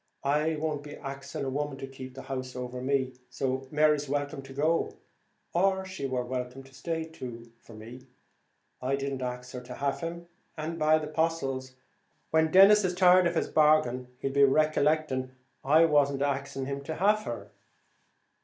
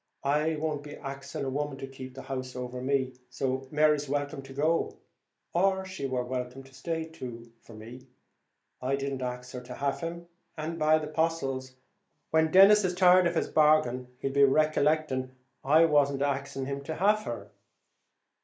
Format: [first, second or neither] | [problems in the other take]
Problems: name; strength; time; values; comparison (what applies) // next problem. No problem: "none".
first | noise reduction (neural mask model Resemble Enhance denoiser)